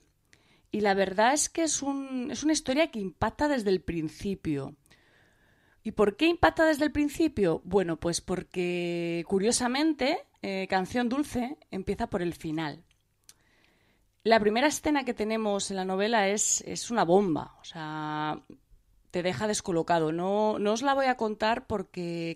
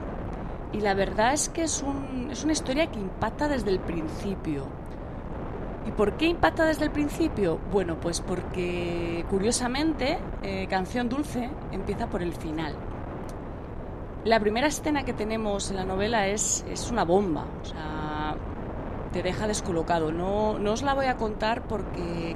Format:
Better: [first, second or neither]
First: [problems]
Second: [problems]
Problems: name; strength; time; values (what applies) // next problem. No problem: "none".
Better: first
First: none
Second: wind noise on the microphone; occasional gusts; 10 dB below the speech